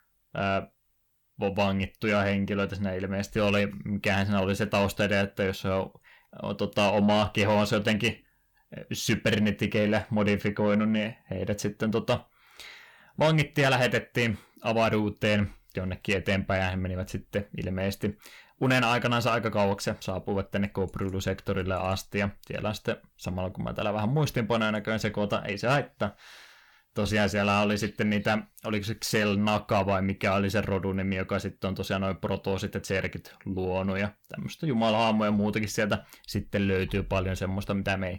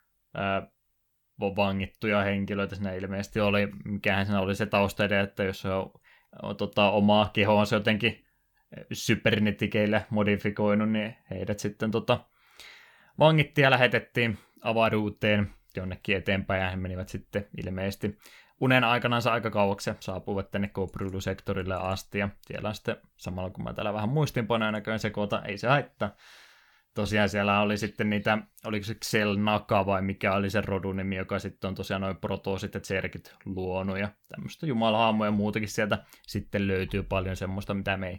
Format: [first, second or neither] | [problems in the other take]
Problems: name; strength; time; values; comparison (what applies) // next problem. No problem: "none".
second | distortion; slight; 10 dB below the speech